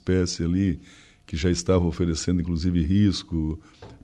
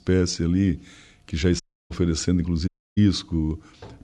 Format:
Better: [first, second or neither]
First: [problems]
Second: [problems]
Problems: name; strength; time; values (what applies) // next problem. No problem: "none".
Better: first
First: none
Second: audio cutting out; at 1.5 s and at 2.5 s